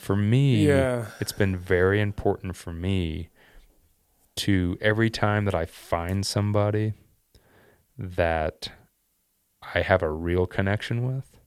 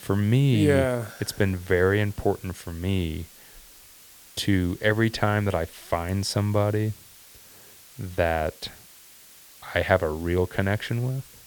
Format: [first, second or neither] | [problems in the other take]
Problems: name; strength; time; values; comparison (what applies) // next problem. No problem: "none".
first | hiss; faint; throughout; 20 dB below the speech